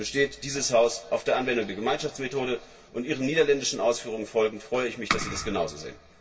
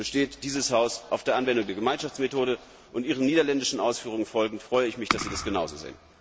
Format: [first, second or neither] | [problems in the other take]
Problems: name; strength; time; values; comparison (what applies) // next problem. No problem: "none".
second | room echo; dies away in 0.1 s